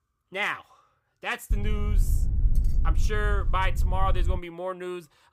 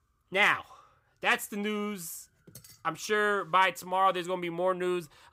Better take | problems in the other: second | wind noise on the microphone; occasional gusts; from 1.5 to 4.5 s; 15 dB below the speech

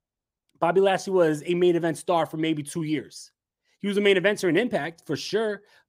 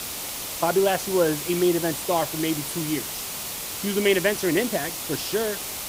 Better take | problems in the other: first | hiss; loud; throughout; 5 dB below the speech

